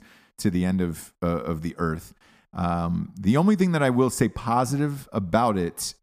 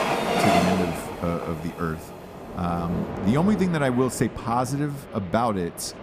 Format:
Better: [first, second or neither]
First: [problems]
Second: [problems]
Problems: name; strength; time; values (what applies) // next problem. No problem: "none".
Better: first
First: none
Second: train or aircraft noise; loud; throughout; 2 dB below the speech